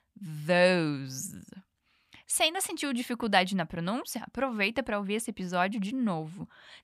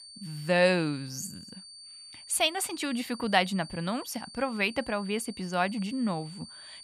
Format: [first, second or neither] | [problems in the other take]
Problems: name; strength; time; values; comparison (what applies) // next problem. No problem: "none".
first | high-pitched whine; noticeable; throughout; 4.5 kHz, 15 dB below the speech